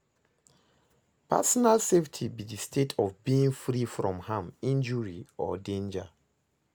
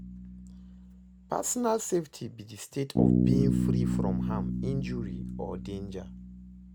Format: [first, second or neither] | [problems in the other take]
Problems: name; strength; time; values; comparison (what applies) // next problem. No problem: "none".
first | background sound (Bass guitar); 4 dB above the speech